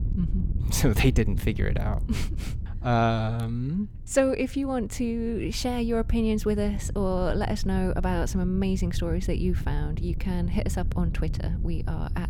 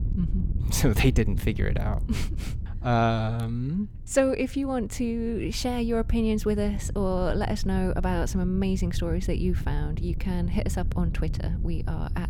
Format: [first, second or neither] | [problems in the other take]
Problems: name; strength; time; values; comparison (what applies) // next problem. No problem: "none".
neither | wind noise on the microphone; occasional gusts; 15 dB below the speech; the same in both